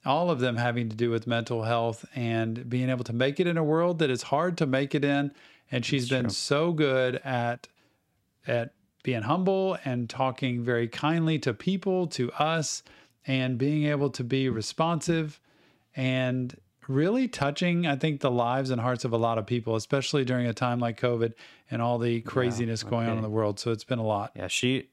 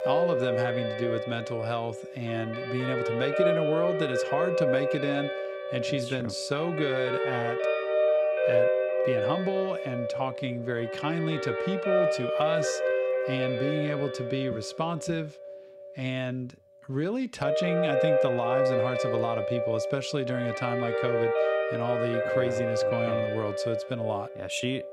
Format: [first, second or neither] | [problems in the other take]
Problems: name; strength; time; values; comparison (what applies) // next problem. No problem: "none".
first | background music; very loud; throughout; 3 dB above the speech